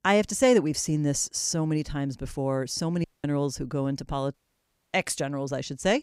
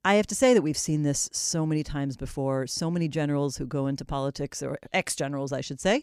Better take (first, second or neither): second